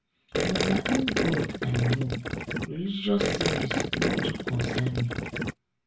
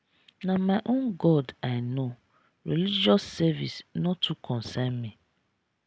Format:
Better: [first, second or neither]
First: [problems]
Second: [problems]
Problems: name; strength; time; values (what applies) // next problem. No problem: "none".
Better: second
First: background sound (Gurgling); 2 dB above the speech // room echo; dies away in 0.3 s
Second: none